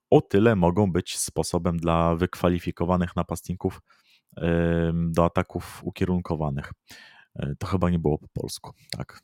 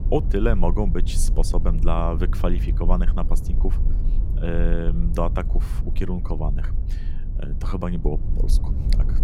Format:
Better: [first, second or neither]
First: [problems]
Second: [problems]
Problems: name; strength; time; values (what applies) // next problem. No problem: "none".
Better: first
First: none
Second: low rumble; noticeable; throughout; 15 dB below the speech